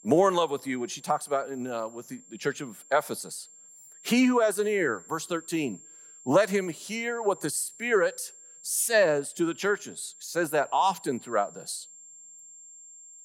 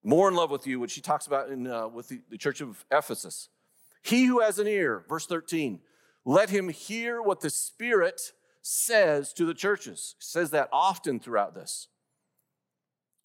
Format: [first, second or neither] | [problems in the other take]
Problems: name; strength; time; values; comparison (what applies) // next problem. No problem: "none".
second | high-pitched whine; faint; throughout; 7.5 kHz, 20 dB below the speech